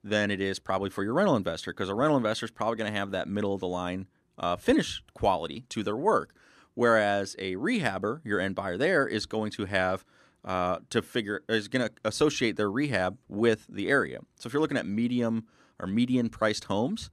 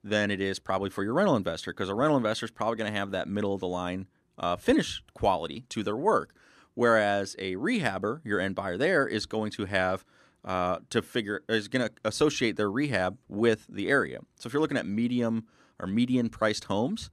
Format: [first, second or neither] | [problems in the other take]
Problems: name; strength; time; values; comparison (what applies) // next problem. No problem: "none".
neither | none